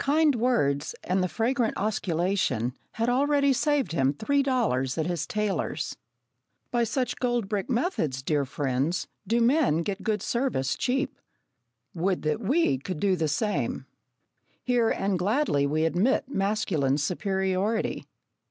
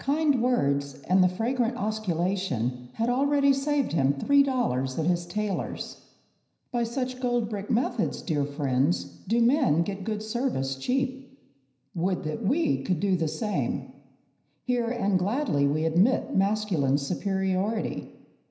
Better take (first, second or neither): first